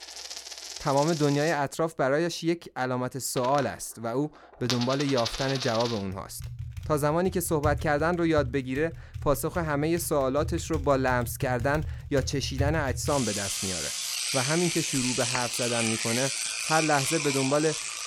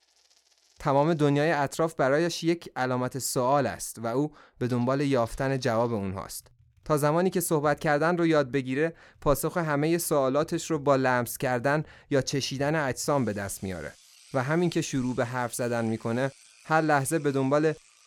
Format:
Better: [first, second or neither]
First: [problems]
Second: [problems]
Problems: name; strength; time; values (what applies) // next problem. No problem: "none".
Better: second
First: household noises; loud; throughout; 4 dB below the speech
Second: household noises; faint; throughout; 30 dB below the speech